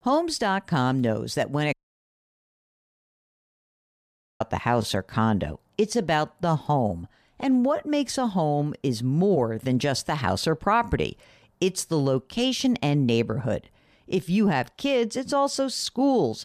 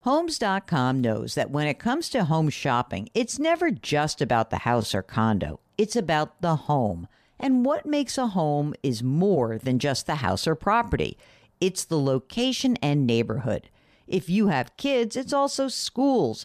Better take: second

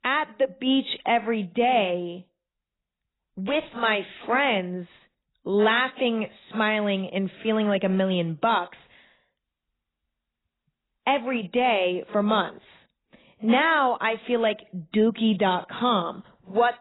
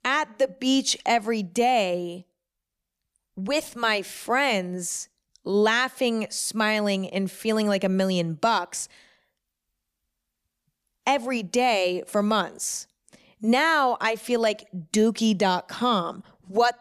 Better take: second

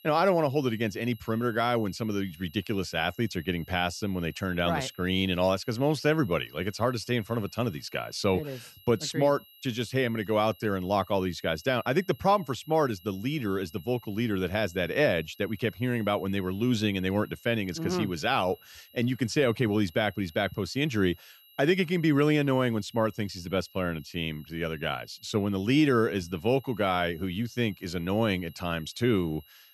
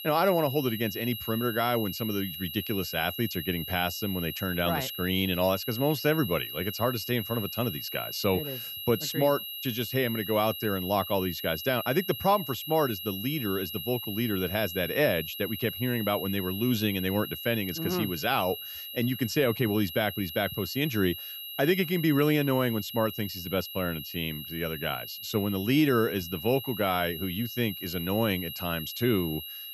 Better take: first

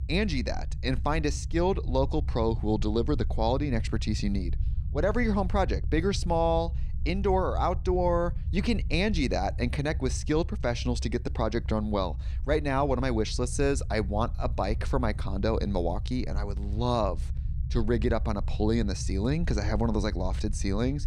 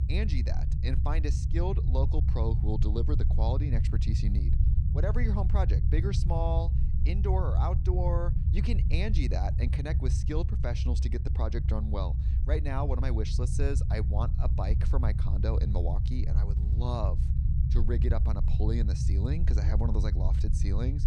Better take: first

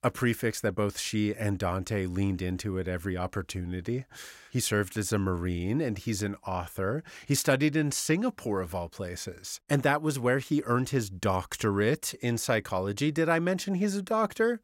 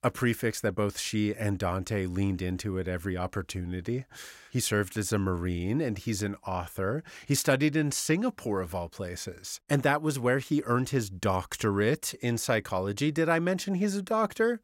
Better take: neither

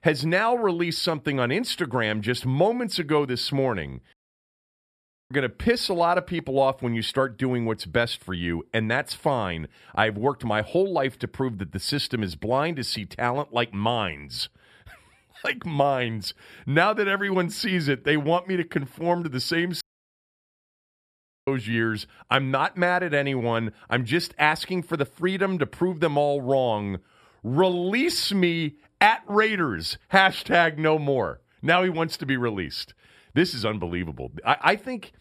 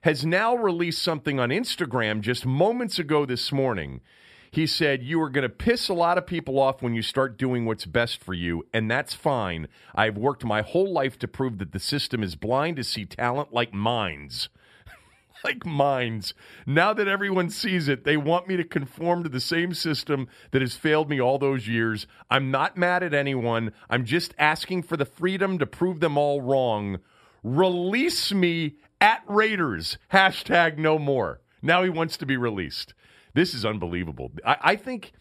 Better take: second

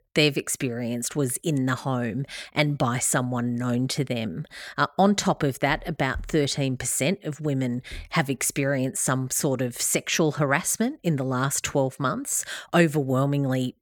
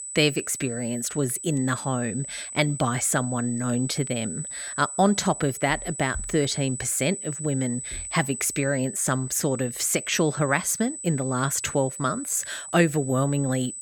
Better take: first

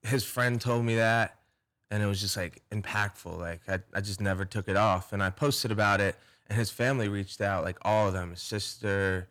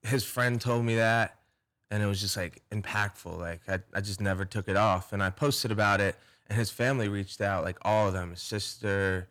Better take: neither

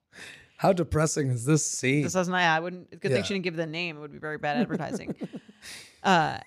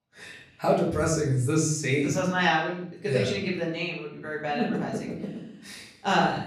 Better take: first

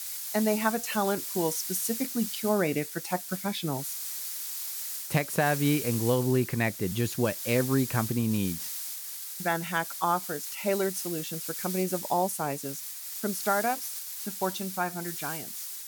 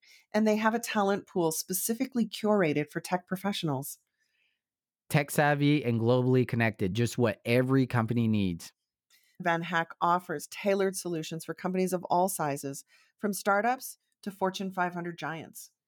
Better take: second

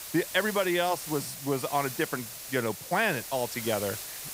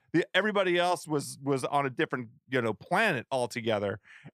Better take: second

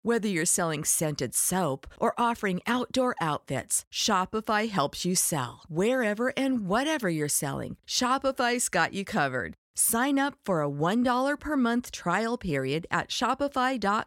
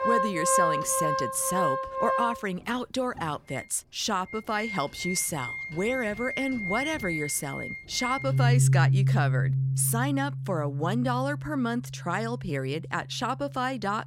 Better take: first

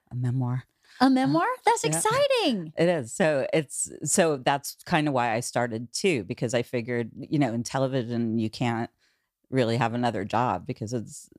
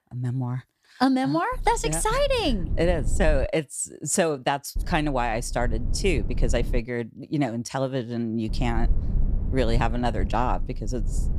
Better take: first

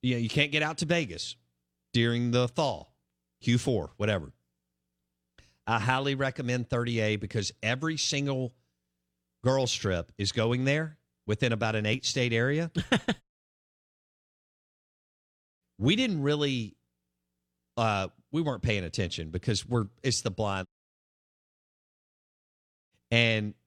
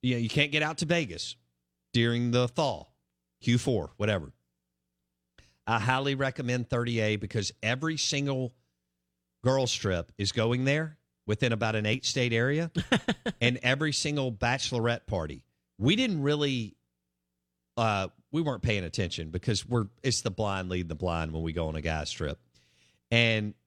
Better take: second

